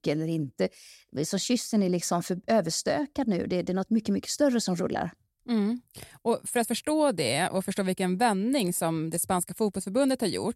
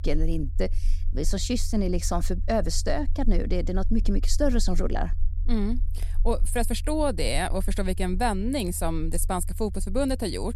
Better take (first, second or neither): first